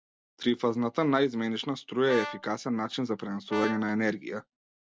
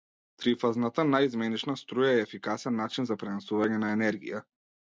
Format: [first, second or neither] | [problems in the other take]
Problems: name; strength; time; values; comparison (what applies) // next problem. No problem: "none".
second | background sound (Brass instrument); 11 dB below the speech